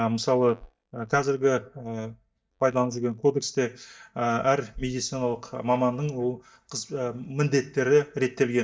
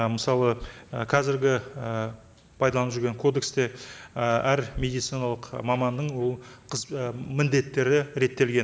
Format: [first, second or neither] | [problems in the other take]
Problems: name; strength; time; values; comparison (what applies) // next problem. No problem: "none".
second | noise reduction (neural mask model DeepFilterNet 3)